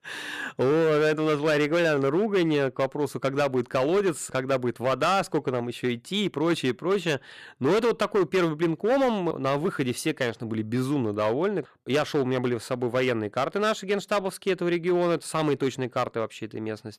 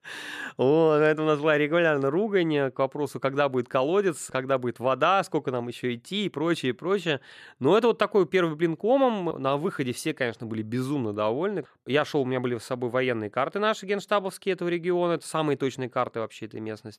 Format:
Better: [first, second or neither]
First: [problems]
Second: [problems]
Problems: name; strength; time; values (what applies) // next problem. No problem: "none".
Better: second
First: distortion; slight; 9% of the sound clipped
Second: none